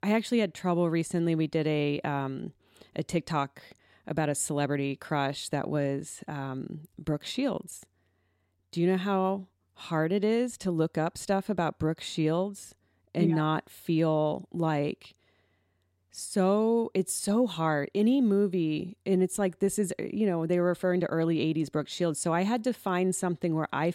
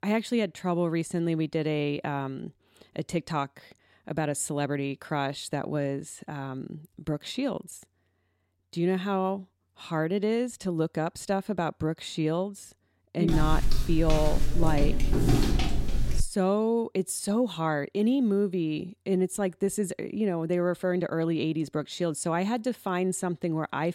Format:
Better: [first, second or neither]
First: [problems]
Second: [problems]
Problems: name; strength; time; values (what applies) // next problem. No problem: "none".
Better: first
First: none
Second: footsteps; loud; from 13 to 16 s; peak 4 dB above the speech